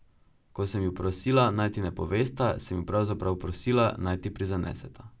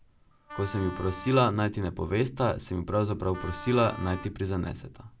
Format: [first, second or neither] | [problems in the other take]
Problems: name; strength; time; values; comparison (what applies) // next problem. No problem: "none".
first | background sound (Wind instrument, woodwind instrument); 14 dB below the speech